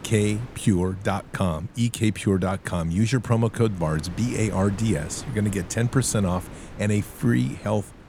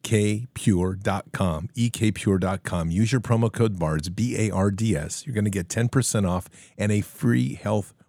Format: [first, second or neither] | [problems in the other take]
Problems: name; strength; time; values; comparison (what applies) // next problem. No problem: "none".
second | wind noise on the microphone; occasional gusts; 15 dB below the speech